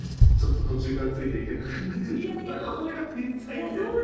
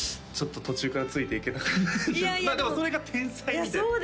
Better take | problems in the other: second | noise reduction (neural separator model SepFormer DNS4)

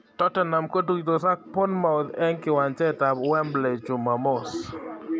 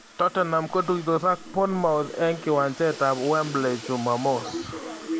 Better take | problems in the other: first | background sound (Domestic sounds, home sounds); 18 dB below the speech

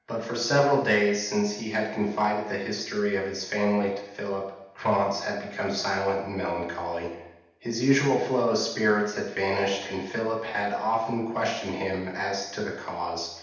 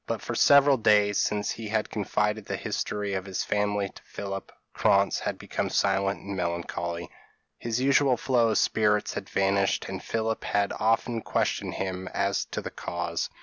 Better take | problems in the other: second | room echo; dies away in 0.8 s

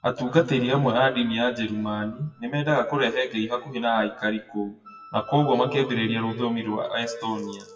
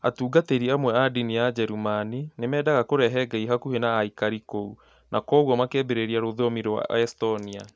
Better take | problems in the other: second | noise reduction (classical method WPE with log-MMSE)

